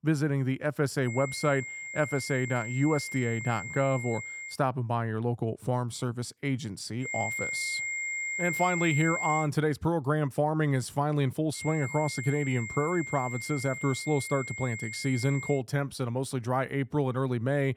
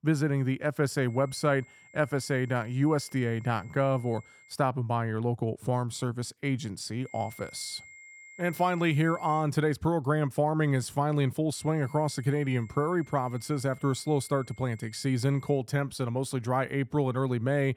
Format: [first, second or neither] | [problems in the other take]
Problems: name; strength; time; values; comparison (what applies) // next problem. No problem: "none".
second | high-pitched whine; loud; from 1 to 4.5 s, from 7 to 9.5 s and from 12 to 16 s; 2 kHz, 5 dB below the speech; faint in the second